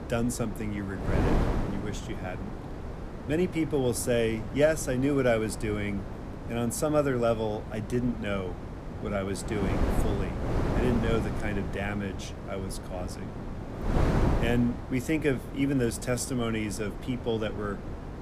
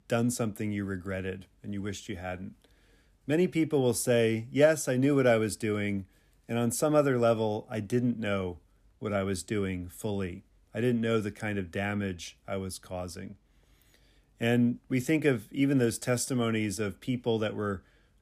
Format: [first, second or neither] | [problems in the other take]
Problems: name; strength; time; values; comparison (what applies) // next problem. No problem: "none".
second | wind noise on the microphone; heavy; 7 dB below the speech